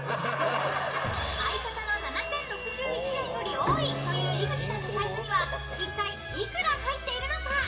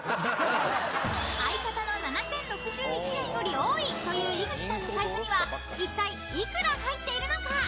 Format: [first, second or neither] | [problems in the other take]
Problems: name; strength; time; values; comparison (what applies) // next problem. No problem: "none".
second | background sound (Bowed string instrument); 9 dB below the speech // room echo; dies away in 1.8 s